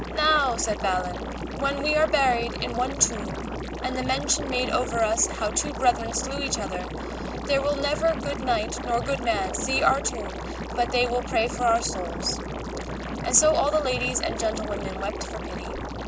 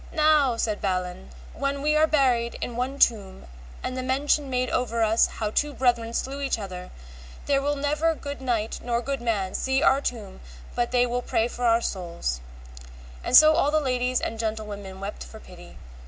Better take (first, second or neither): second